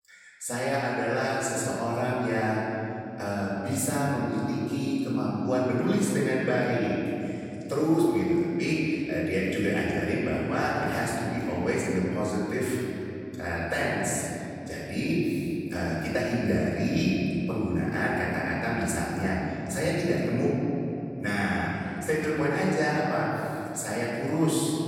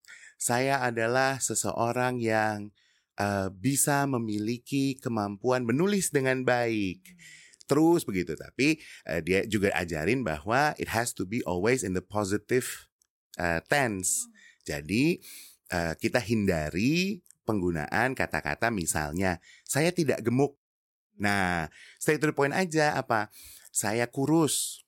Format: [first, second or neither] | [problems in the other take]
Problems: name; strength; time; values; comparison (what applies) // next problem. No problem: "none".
second | off-mic speech; far // room echo; strong; dies away in 3 s